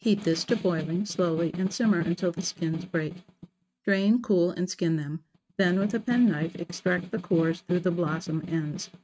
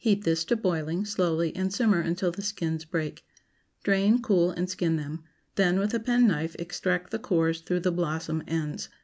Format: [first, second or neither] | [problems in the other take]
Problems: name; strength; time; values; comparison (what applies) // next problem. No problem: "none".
second | noise reduction (neural mask model RNNoise)